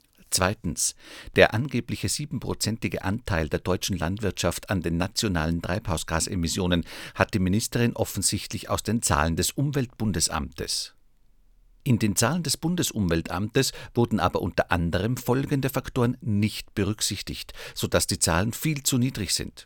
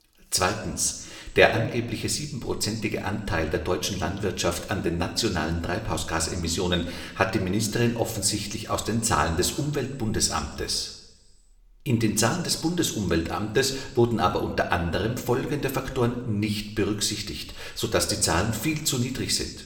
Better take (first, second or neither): first